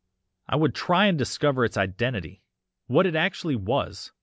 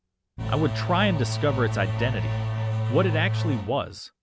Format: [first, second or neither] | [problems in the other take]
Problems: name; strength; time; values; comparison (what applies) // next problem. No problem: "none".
first | background sound (Engine / Domestic sounds, home sounds); 1 dB above the speech